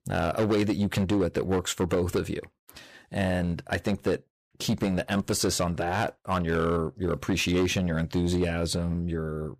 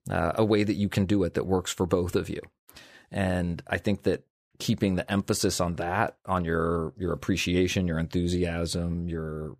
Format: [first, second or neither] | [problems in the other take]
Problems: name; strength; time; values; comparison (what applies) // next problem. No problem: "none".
second | distortion; slight; 8% of the sound clipped